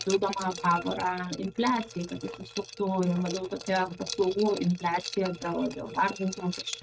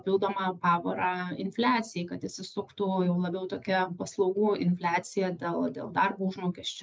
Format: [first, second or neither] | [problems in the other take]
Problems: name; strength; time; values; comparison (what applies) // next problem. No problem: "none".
second | noise reduction (neural mask model RNNoise)